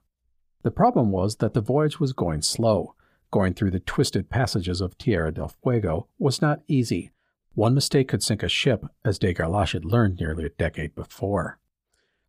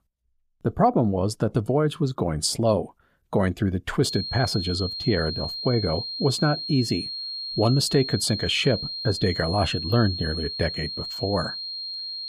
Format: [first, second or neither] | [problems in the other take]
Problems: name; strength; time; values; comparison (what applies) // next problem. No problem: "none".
first | high-pitched whine; loud; from 4 s on; 4 kHz, 5 dB below the speech